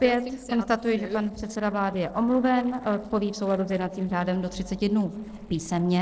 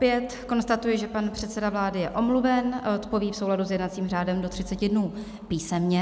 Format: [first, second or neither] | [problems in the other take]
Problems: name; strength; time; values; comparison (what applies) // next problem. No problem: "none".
second | noise reduction (neural separator model SepFormer DNS4)